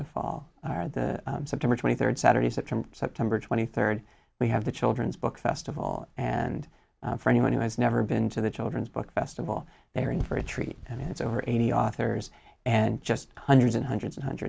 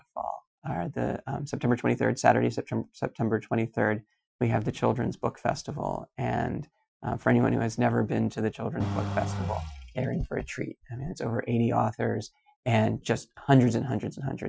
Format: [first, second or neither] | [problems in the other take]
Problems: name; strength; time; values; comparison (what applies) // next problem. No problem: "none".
first | noise reduction (classical method Wiener filter)